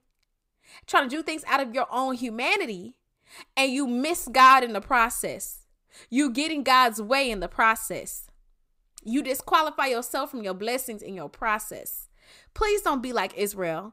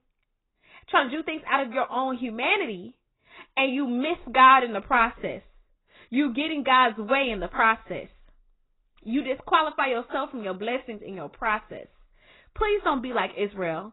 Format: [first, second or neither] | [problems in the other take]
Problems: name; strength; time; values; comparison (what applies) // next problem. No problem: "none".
first | garbled, watery; badly; nothing above 4 kHz